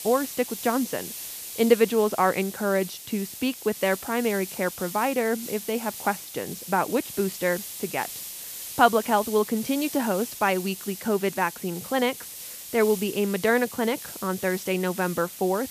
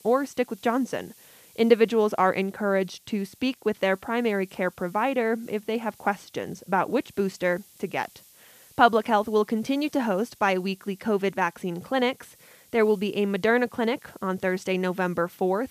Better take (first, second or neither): second